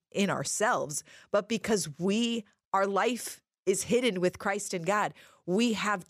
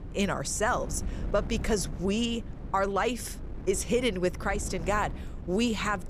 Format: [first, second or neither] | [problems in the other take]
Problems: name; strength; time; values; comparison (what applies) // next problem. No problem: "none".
first | wind noise on the microphone; occasional gusts; 20 dB below the speech